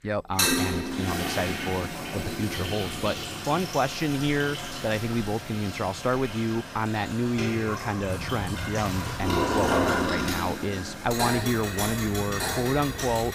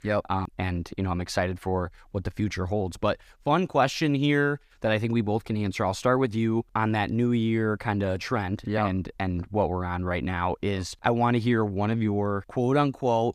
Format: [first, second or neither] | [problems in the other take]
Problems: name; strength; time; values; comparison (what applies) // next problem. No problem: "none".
second | household noises; loud; throughout; 1 dB below the speech